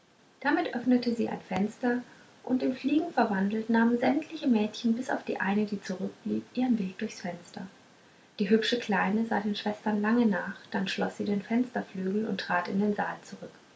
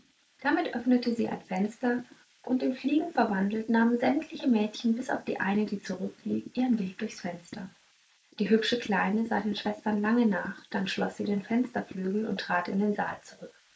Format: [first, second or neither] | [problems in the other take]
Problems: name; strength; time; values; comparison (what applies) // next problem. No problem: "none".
first | noise reduction (neural mask model Resemble Enhance denoiser)